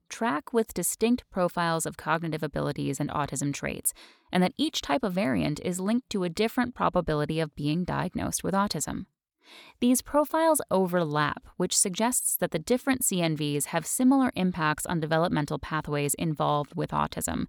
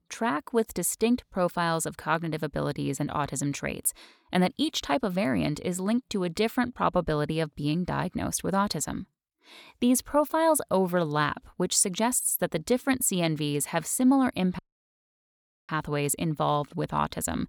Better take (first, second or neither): first